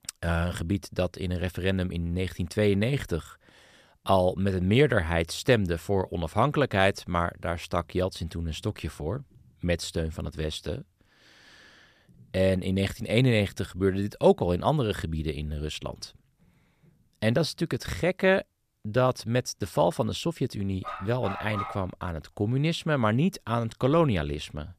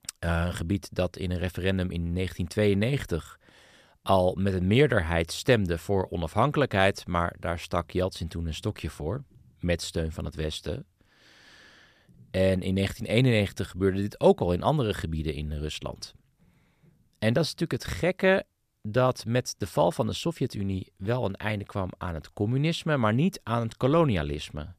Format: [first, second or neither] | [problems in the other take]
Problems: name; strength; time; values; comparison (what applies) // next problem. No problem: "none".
second | dog barking; noticeable; at 21 s; peak 7 dB below the speech